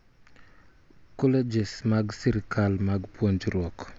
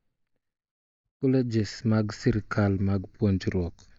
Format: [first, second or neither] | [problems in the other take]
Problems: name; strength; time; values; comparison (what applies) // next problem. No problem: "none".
first | noise reduction (neural mask model DeepFilterNet 3)